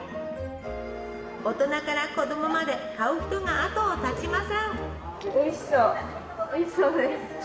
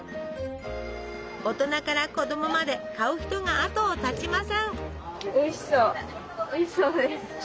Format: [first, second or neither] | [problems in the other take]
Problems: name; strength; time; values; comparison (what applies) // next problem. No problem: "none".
second | room echo; dies away in 1.7 s